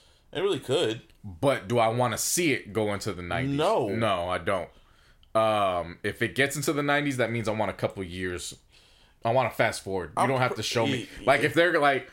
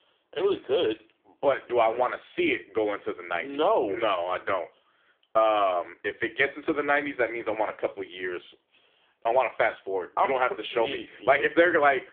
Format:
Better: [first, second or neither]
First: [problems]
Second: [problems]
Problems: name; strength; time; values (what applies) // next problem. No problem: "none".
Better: first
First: none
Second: phone-call audio; poor line; nothing above 3.5 kHz